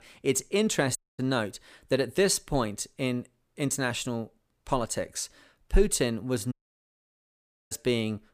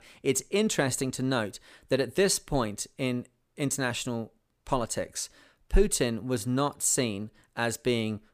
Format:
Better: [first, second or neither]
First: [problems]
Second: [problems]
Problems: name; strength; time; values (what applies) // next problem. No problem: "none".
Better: second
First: audio cutting out; at 1 s and at 6.5 s for 1 s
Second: none